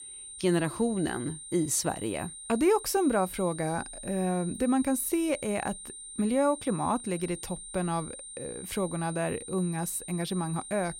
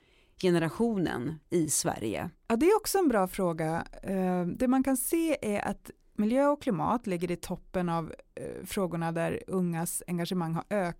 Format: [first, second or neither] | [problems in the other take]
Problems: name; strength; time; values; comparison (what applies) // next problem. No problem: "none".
second | high-pitched whine; noticeable; throughout; 9 kHz, 10 dB below the speech